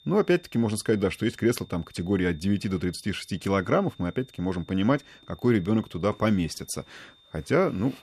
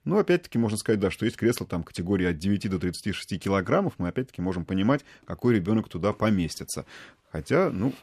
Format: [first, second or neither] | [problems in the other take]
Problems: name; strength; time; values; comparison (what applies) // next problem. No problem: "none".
second | high-pitched whine; faint; throughout; 3.5 kHz, 30 dB below the speech